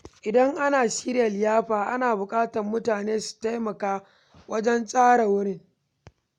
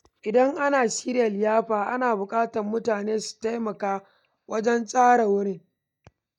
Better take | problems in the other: first | noise reduction (neural mask model DeepFilterNet 3)

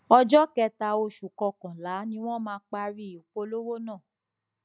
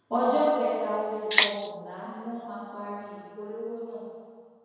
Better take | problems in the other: first | background sound (Rattle (instrument)); 5 dB above the speech // room echo; dies away in 1.9 s

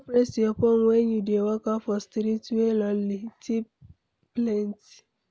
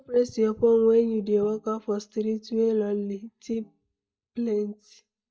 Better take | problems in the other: first | noise reduction (neural mask model DeepFilterNet 3)

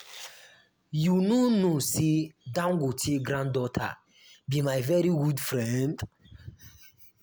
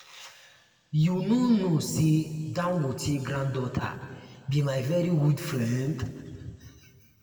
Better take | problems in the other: first | room echo; dies away in 2 s

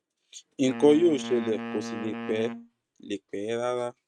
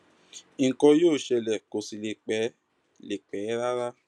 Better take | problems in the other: second | noise reduction (neural mask model RNNoise)

